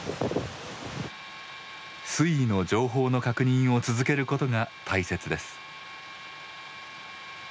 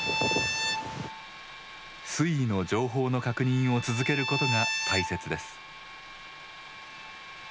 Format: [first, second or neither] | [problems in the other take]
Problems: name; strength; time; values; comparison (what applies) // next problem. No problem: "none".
first | background sound (Bowed string instrument); 4 dB below the speech